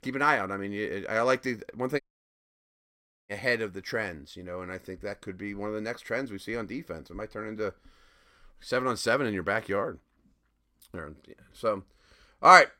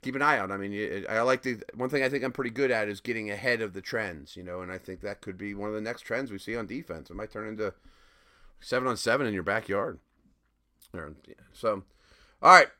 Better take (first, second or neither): second